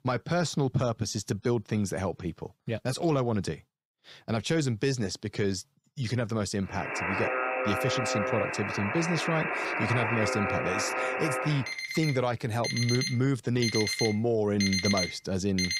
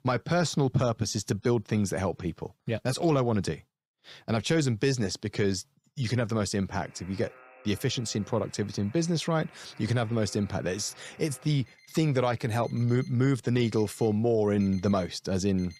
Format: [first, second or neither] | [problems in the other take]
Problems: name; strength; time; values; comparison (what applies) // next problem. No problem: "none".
second | alarms or sirens; loud; from 7 s on; as loud as the speech; faint in the second